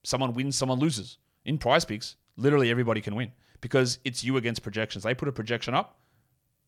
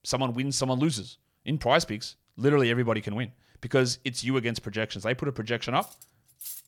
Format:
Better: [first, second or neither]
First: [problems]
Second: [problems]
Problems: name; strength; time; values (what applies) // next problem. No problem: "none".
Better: first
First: none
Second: clattering dishes; faint; at 6 s; peak 10 dB below the speech